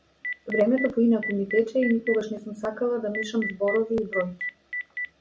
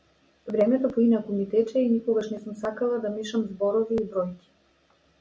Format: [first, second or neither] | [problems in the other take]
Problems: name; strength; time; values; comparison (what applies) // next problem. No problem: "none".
second | background sound (Telephone); 9 dB below the speech